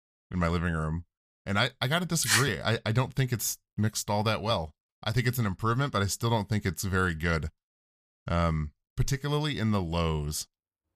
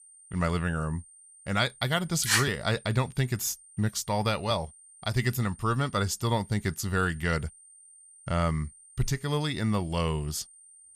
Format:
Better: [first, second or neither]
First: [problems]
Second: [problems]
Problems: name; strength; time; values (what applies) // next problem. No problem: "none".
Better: first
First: none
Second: high-pitched whine; faint; throughout; 9 kHz, 20 dB below the speech